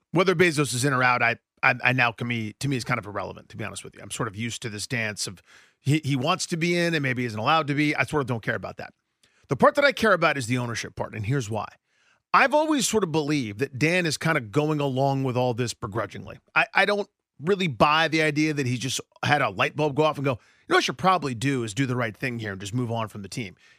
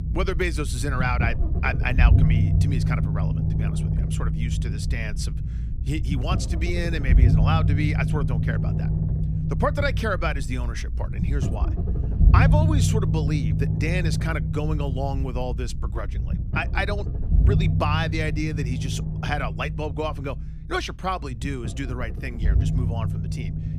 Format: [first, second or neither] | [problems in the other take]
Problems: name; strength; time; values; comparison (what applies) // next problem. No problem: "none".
first | low rumble; loud; throughout; 7 dB below the speech